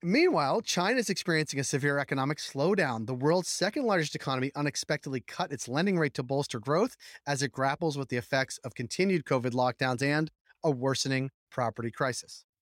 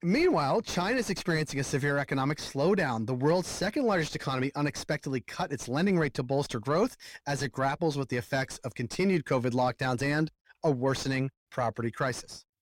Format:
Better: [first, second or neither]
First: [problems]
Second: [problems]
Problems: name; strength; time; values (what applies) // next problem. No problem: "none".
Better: first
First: none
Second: distortion; slight; 9 dB below the speech